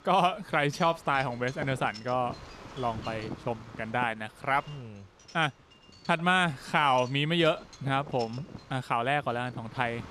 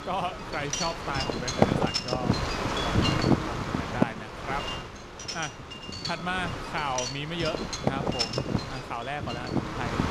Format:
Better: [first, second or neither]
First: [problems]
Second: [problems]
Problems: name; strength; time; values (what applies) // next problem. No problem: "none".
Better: first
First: wind noise on the microphone; occasional gusts; 20 dB below the speech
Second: wind noise on the microphone; heavy; 3 dB above the speech